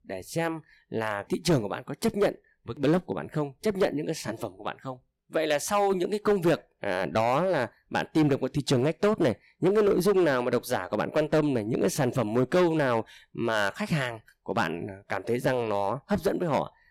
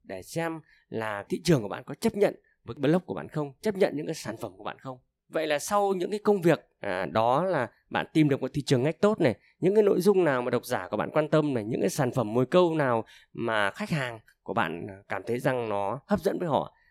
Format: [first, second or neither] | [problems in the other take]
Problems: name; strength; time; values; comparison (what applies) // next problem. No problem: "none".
second | distortion; slight; 5% of the sound clipped